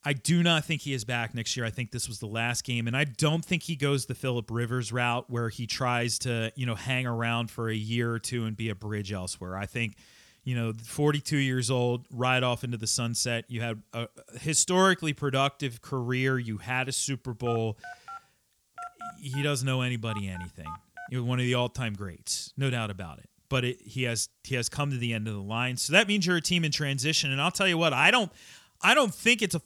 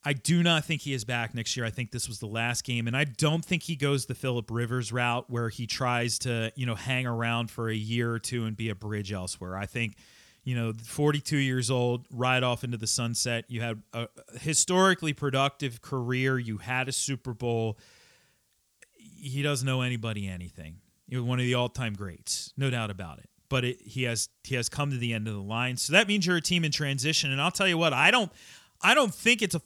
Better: second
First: phone ringing; faint; from 17 to 21 s; peak 15 dB below the speech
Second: none

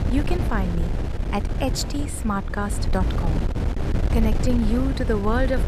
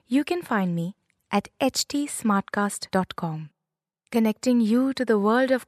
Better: second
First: wind noise on the microphone; heavy; 6 dB below the speech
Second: none

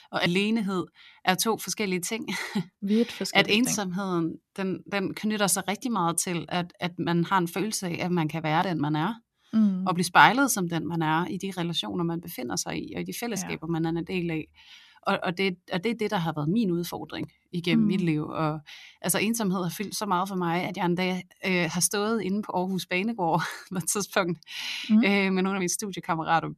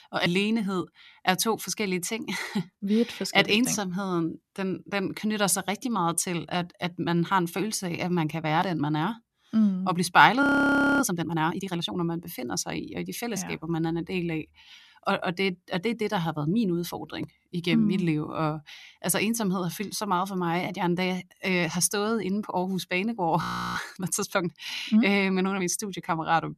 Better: first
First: none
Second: audio freezing; at 10 s for 0.5 s and at 23 s

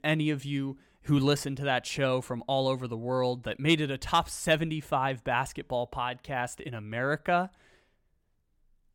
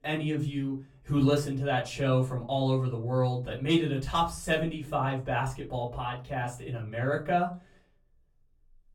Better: first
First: none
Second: off-mic speech; far // room echo; very slight; dies away in 0.4 s

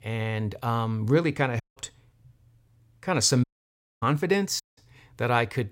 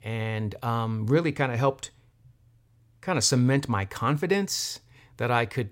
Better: second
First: audio cutting out; at 1.5 s, at 3.5 s for 0.5 s and at 4.5 s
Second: none

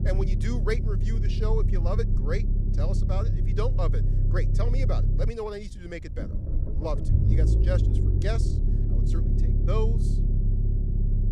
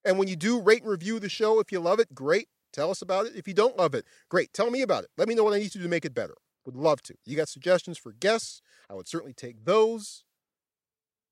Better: second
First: low rumble; loud; throughout; 5 dB below the speech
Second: none

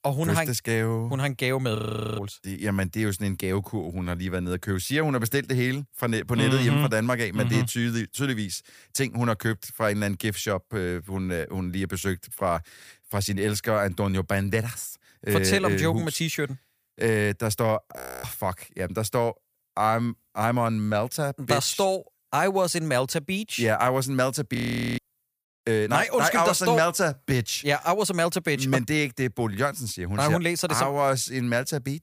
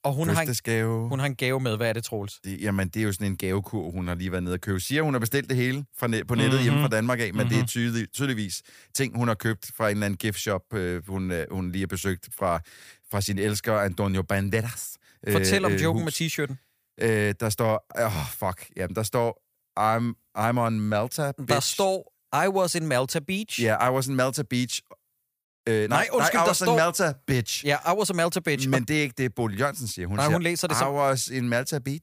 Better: second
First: audio freezing; at 2 s, at 18 s and at 25 s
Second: none

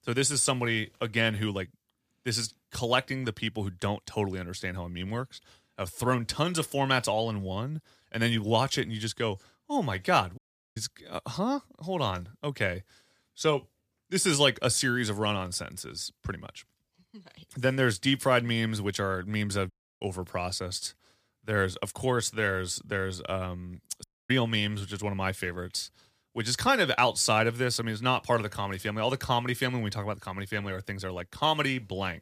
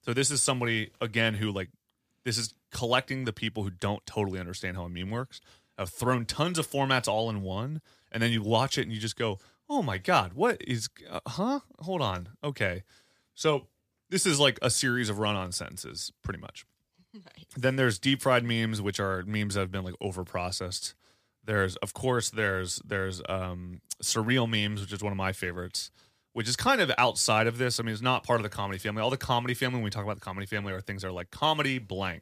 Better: second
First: audio cutting out; at 10 s, at 20 s and at 24 s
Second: none

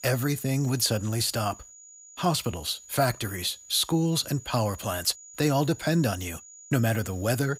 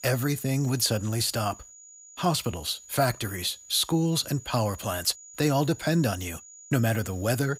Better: neither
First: high-pitched whine; noticeable; throughout; 7 kHz, 20 dB below the speech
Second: high-pitched whine; noticeable; throughout; 7 kHz, 20 dB below the speech

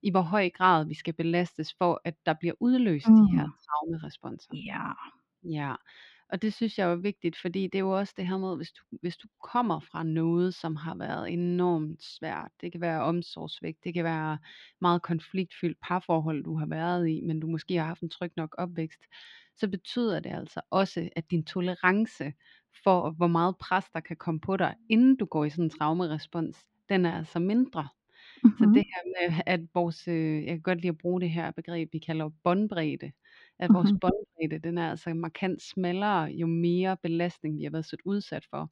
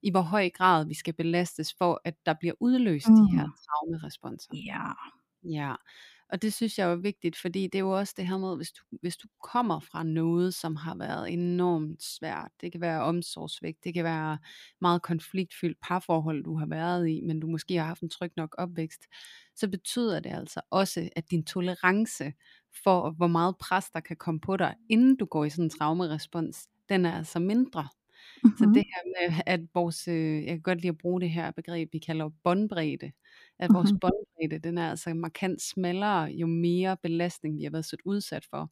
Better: second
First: muffled; very slightly; fading above 4 kHz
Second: none

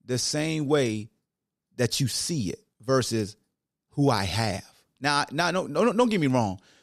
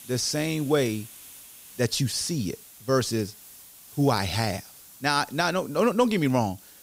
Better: first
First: none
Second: hiss; noticeable; throughout; 20 dB below the speech

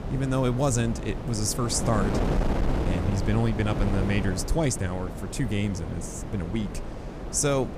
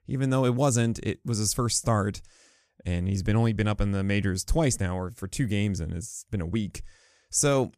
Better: second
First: wind noise on the microphone; heavy; 5 dB below the speech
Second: none

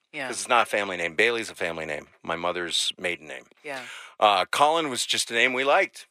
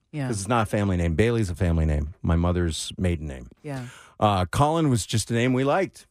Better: second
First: thin; very; fading below 600 Hz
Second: none

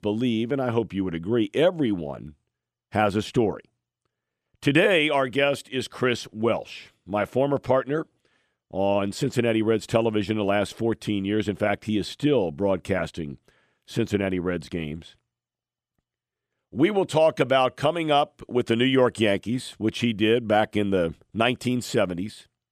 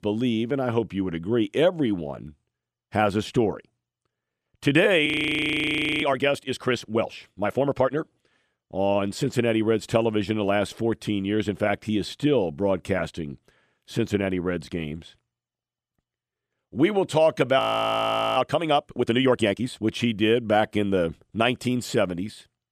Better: first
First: none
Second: audio freezing; at 5 s for 1 s and at 18 s for 1 s

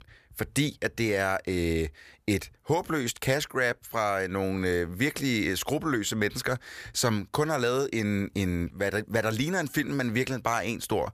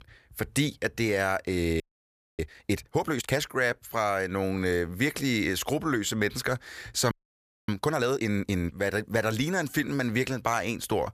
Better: first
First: none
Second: audio freezing; at 2 s for 0.5 s and at 7 s for 0.5 s

